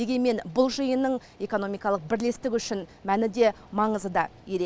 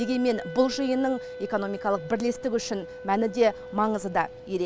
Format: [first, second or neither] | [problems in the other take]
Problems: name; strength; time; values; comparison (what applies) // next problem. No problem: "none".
first | background sound (Wind instrument, woodwind instrument); 13 dB below the speech